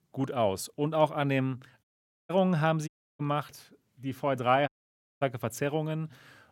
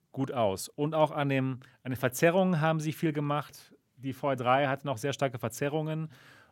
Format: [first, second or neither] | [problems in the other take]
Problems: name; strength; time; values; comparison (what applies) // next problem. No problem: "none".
second | audio cutting out; at 2 s, at 3 s and at 4.5 s for 0.5 s